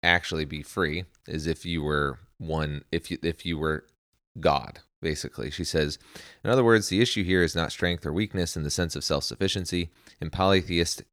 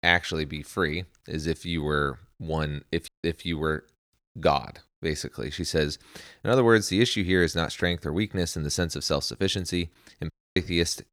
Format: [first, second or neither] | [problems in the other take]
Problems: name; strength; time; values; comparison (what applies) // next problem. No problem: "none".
first | audio cutting out; at 3 s and at 10 s